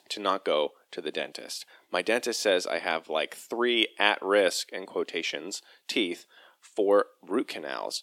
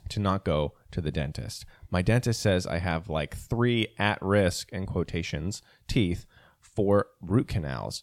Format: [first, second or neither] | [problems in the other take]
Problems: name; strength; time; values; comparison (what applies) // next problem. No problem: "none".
second | thin; somewhat; fading below 300 Hz